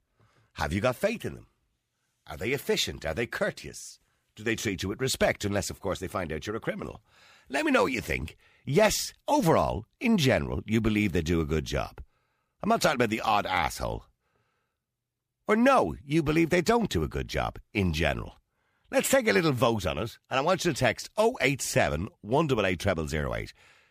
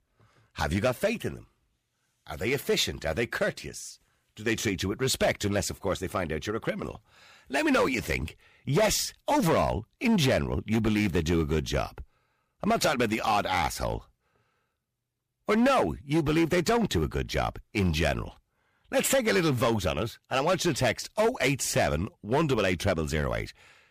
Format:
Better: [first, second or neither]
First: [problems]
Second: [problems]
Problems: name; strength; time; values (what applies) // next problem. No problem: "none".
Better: first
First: none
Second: distortion; slight; 6% of the sound clipped